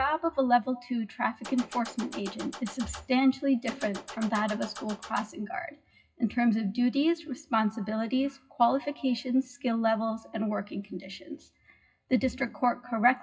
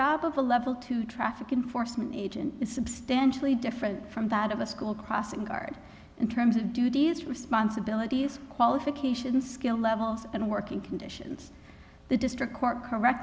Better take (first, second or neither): second